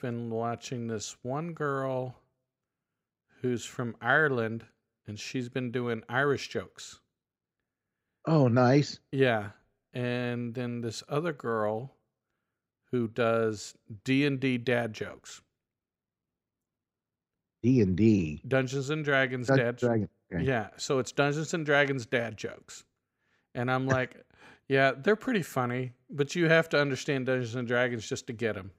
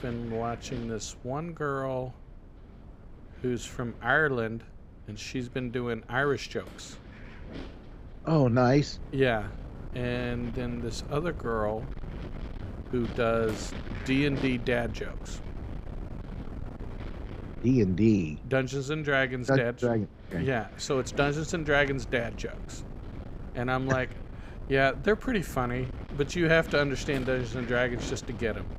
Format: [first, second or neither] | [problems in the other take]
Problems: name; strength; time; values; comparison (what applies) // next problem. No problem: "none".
first | wind noise on the microphone; occasional gusts; 15 dB below the speech